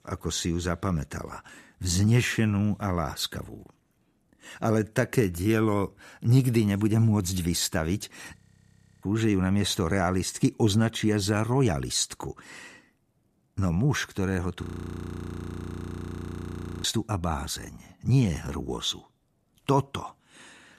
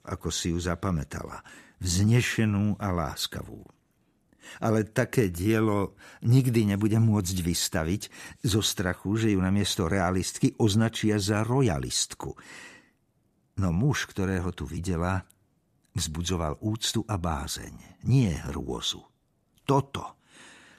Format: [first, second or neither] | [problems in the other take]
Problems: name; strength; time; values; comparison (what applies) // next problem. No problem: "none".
second | audio freezing; at 8.5 s for 0.5 s and at 15 s for 2 s